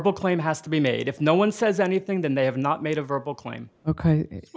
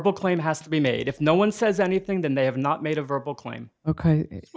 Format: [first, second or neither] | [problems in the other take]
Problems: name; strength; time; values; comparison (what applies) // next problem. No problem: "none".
first | noise reduction (neural mask model DeepFilterNet 3)